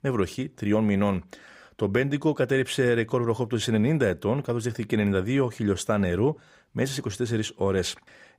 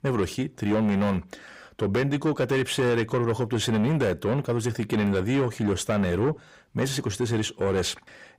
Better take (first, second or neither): first